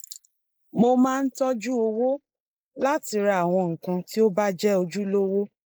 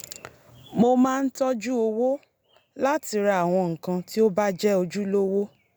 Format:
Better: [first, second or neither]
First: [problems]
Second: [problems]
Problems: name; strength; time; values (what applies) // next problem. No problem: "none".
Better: second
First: noise reduction (neural mask model Resemble Enhance denoiser)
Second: none